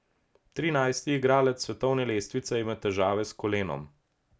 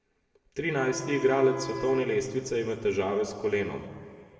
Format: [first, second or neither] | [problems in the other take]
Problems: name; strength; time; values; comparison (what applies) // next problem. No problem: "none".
first | background sound (Wind instrument, woodwind instrument); 12 dB below the speech // room echo; dies away in 2 s